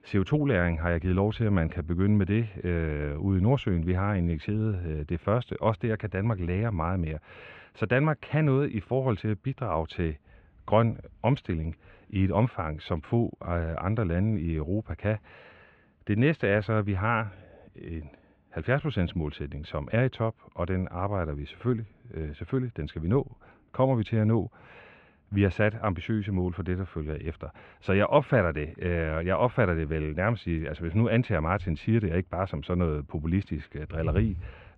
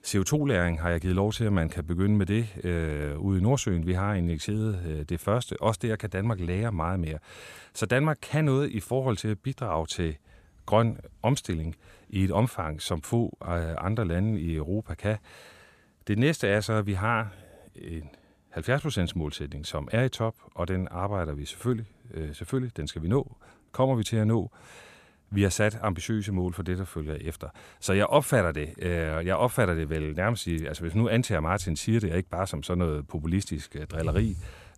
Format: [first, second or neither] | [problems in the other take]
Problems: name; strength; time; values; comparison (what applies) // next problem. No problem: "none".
second | muffled; very; fading above 2.5 kHz